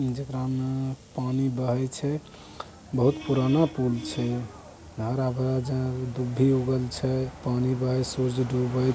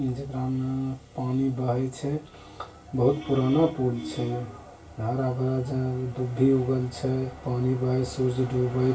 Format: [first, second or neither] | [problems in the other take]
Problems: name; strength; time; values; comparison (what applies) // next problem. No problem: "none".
first | room echo; dies away in 0.3 s